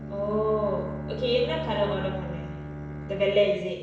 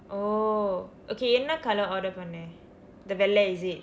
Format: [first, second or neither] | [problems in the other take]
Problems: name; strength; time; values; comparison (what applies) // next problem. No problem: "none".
second | background sound (Bowed string instrument); 8 dB below the speech // room echo; dies away in 0.8 s